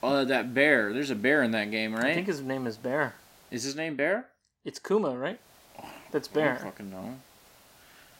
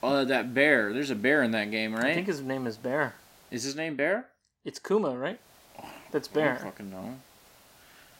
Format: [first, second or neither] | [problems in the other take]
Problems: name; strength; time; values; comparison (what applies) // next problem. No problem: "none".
neither | hiss; faint; until 3.5 s and from 5.5 s on; 25 dB below the speech; the same in both